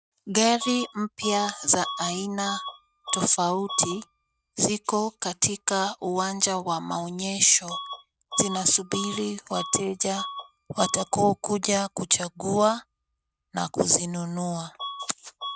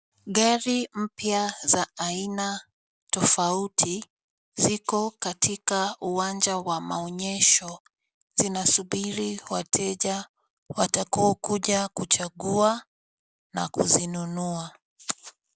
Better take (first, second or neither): second